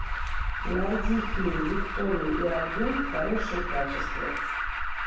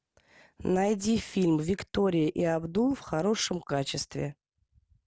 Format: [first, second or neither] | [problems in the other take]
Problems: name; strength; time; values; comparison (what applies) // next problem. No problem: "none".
second | background sound (Alarm); 1 dB above the speech // room echo; dies away in 0.7 s